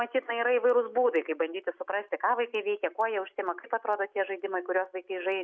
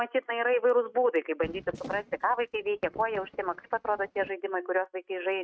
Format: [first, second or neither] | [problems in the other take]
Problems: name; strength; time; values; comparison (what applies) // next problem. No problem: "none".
first | noise reduction (neural mask model RNNoise)